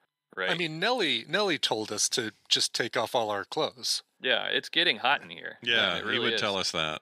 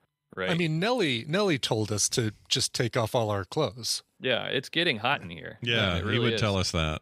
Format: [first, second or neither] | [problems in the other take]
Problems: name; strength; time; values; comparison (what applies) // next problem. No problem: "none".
second | thin; somewhat; fading below 250 Hz